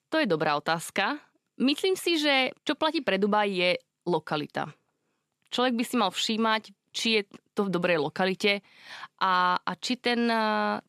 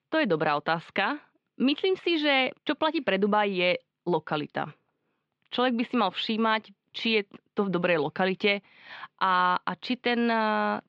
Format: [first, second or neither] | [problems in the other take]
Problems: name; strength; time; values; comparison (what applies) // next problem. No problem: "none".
first | muffled; very slightly; fading above 3.5 kHz